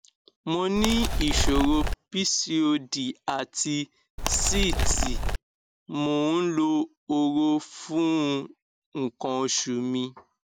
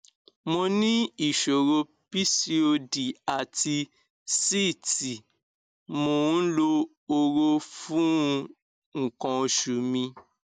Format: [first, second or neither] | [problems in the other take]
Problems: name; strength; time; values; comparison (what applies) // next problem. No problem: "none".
second | background sound (Animal); 2 dB above the speech